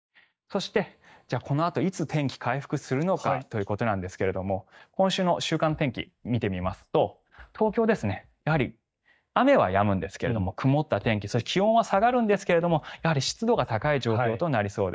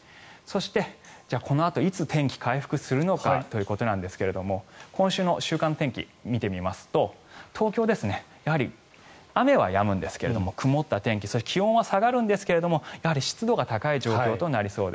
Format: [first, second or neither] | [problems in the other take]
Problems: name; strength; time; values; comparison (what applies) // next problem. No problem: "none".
second | noise reduction (neural mask model DeepFilterNet 3)